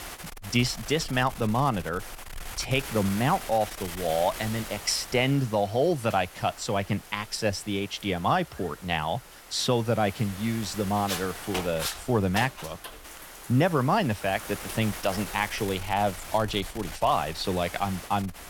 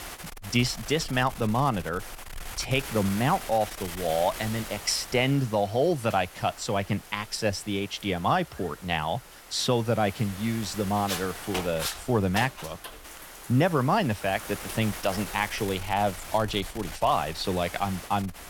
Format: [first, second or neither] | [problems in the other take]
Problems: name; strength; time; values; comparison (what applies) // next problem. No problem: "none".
neither | wind noise on the microphone; occasional gusts; 10 dB below the speech; the same in both